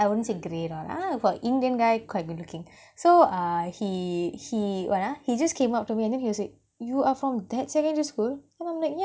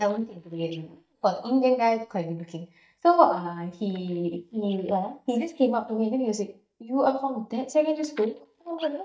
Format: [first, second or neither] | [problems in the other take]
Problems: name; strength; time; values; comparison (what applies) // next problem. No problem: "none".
first | noise reduction (neural mask model DeepFilterNet 3)